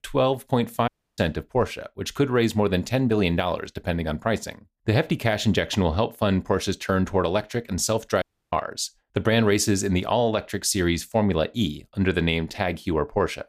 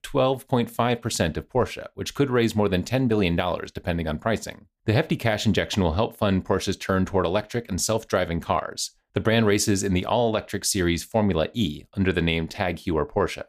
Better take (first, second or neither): second